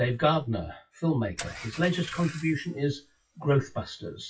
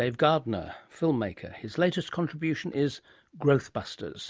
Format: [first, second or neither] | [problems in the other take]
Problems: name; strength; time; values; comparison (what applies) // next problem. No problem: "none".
second | noise reduction (classical method WPE with log-MMSE)